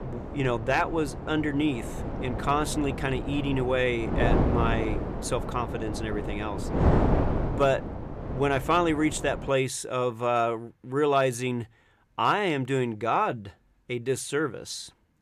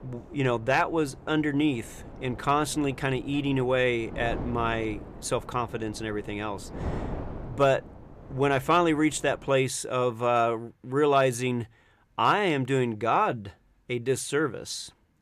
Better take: second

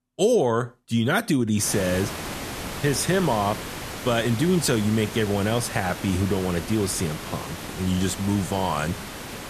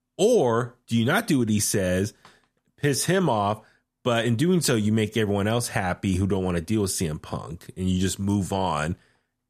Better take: second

